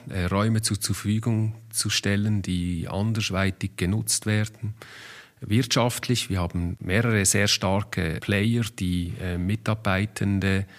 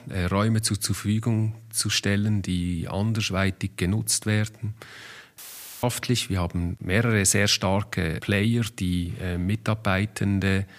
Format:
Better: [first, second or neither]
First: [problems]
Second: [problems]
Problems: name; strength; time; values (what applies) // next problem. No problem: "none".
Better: first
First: none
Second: audio cutting out; filled with static; at 5.5 s